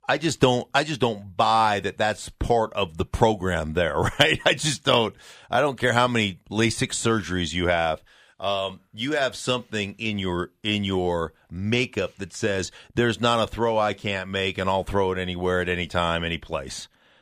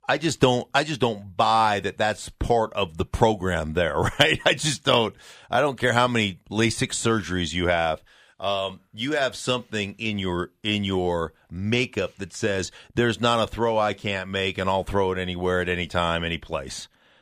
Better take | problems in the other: neither | none

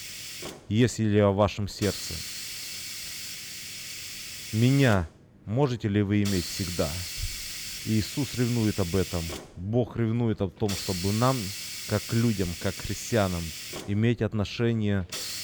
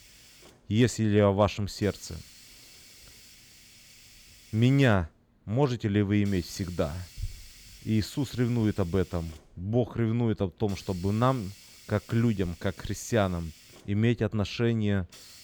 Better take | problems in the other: second | hiss; loud; throughout; 8 dB below the speech; faint in the second

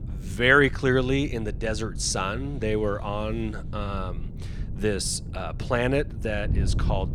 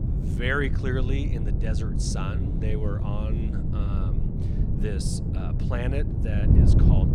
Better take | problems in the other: first | wind noise on the microphone; heavy; 3 dB below the speech; occasional gusts in the first

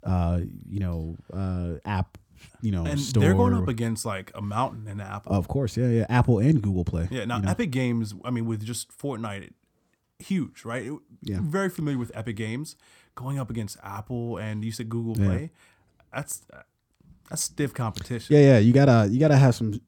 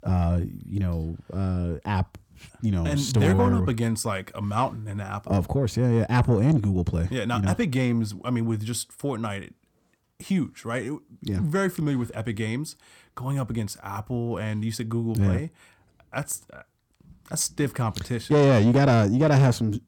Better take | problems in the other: first | distortion; slight; 10 dB below the speech

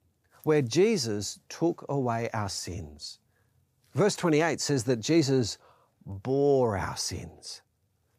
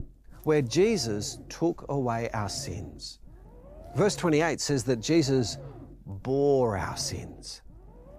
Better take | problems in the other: first | low rumble; faint; throughout; 20 dB below the speech

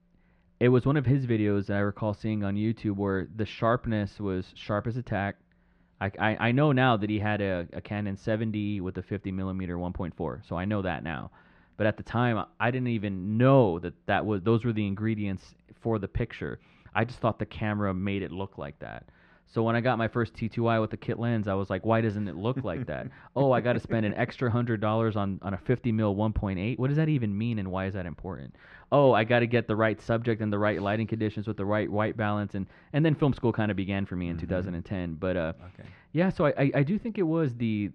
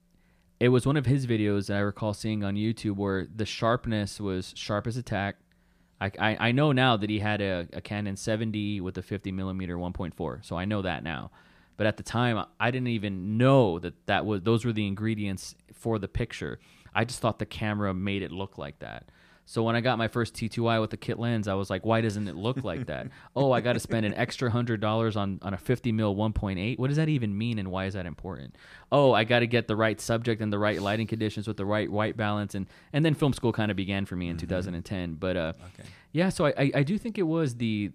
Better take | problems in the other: second | muffled; slightly; fading above 2.5 kHz

